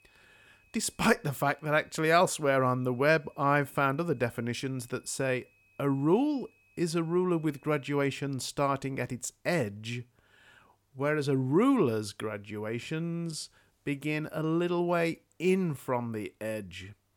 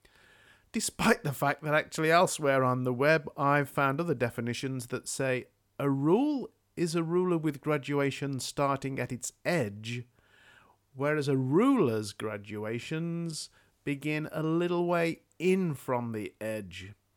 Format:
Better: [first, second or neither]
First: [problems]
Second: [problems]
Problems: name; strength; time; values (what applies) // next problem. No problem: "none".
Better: second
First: high-pitched whine; faint; until 8 s; 2.5 kHz, 35 dB below the speech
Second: none